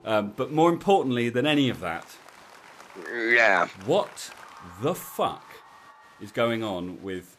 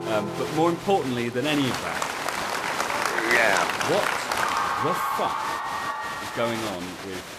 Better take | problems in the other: first | crowd noise; loud; throughout; 1 dB below the speech; faint in the first

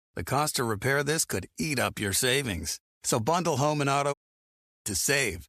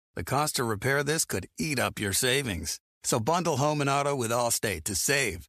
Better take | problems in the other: second | audio cutting out; at 4 s for 0.5 s

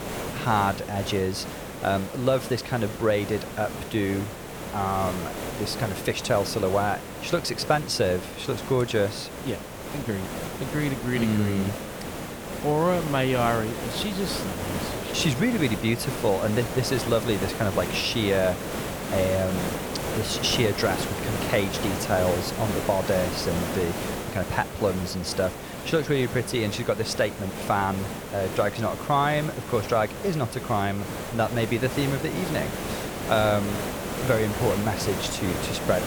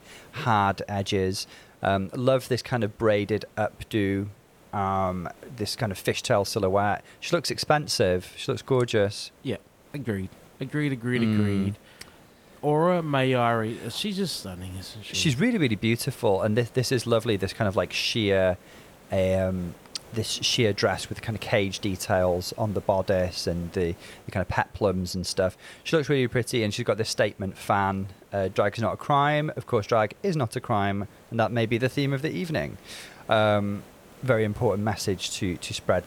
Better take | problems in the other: second | hiss; loud; throughout; 6 dB below the speech; faint in the second

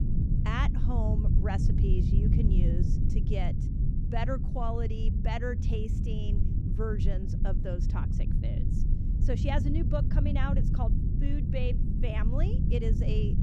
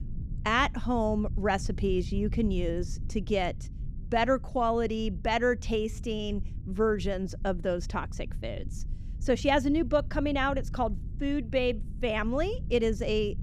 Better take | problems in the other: second | low rumble; loud; throughout; 4 dB below the speech; faint in the second

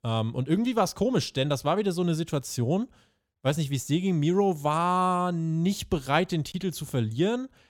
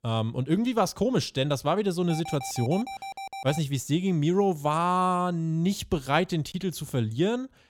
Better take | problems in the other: first | alarm; faint; from 2 to 3.5 s; peak 10 dB below the speech

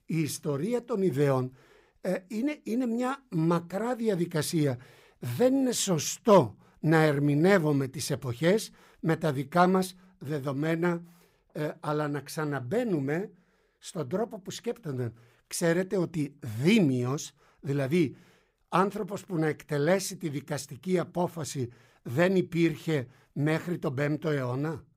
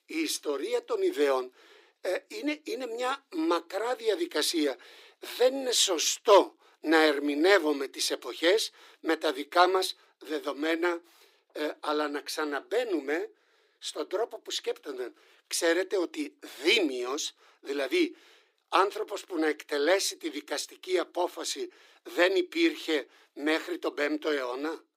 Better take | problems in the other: first | thin; somewhat; fading below 300 Hz

